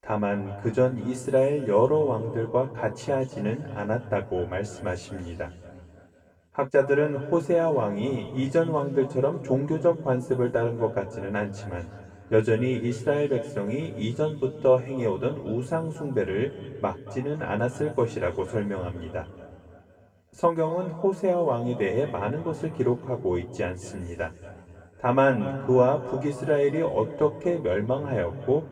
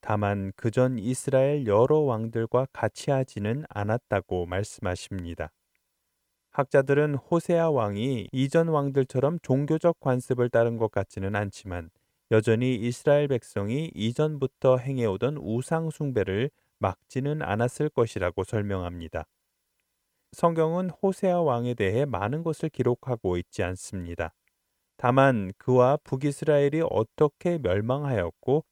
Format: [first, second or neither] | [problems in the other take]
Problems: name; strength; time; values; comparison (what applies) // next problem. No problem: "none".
second | room echo; slight; dies away in 2.3 s // off-mic speech; far